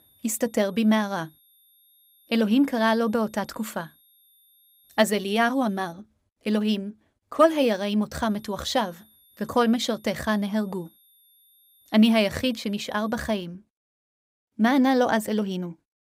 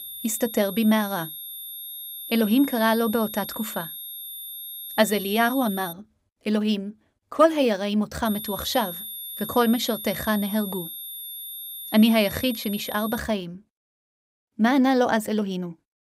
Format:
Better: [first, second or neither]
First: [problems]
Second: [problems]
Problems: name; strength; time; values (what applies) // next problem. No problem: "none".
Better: first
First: high-pitched whine; faint; until 6 s and from 8.5 to 13 s; 11.5 kHz, 30 dB below the speech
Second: high-pitched whine; loud; until 6 s and from 8.5 to 13 s; 11.5 kHz, 10 dB below the speech